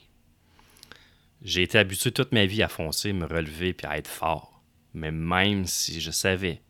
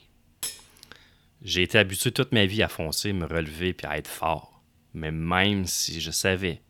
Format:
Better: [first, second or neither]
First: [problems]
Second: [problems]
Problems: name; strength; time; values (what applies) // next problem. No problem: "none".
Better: first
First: none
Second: clattering dishes; noticeable; at 0.5 s; peak 9 dB below the speech